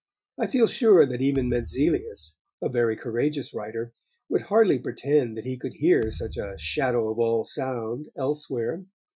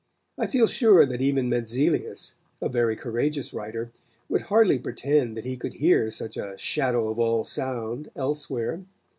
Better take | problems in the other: second | noise reduction (classical method Wiener filter)

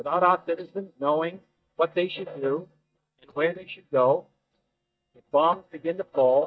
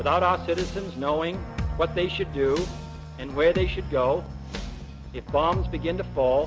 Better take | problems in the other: second | noise reduction (neural mask model DeepFilterNet 3)

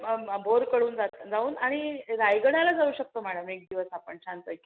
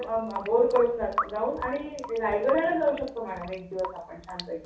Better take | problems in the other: first | background sound (Drip / Sink (filling or washing) / Water tap, faucet); 10 dB below the speech // room echo; dies away in 0.6 s

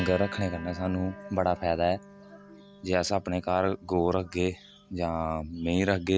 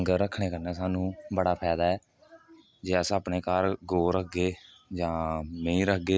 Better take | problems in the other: second | background sound (Acoustic guitar); 18 dB below the speech

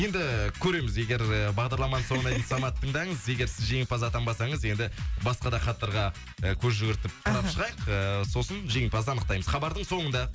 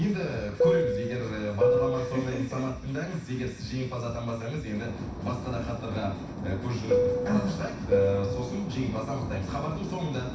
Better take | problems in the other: first | background sound (Fixed-wing aircraft, airplane); as loud as the speech // room echo; dies away in 0.6 s

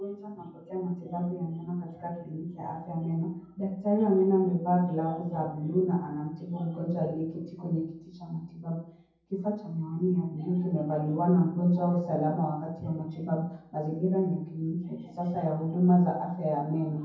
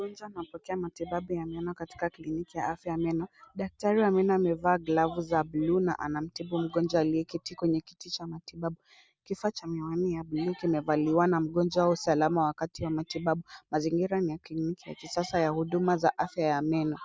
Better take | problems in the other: second | room echo; dies away in 0.9 s

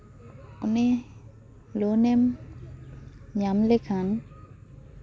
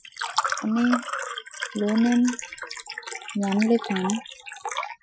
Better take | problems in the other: first | noise reduction (classical method Wiener filter)

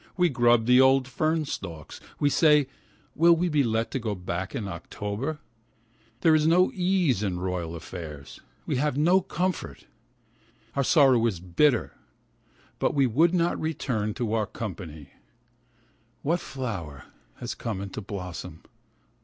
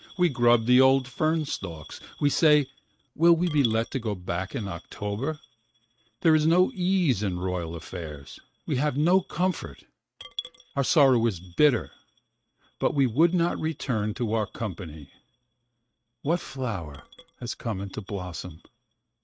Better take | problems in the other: first | noise reduction (neural mask model RNNoise)

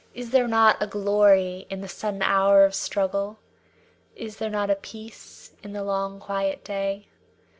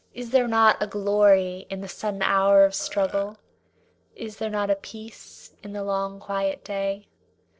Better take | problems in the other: first | noise reduction (neural separator model SepFormer DNS4)

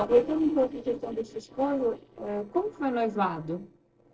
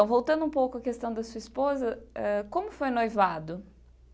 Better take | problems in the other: second | noise reduction (neural separator model SepFormer DNS4)

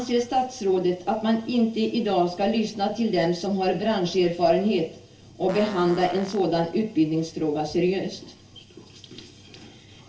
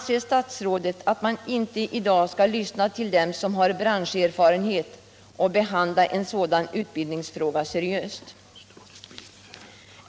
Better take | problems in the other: second | background sound (Fart); 18 dB below the speech // room echo; dies away in 0.3 s

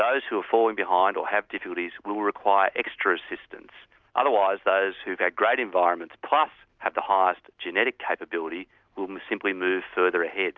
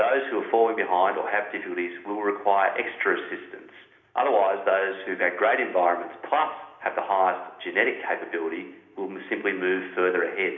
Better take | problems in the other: first | room echo; dies away in 1 s

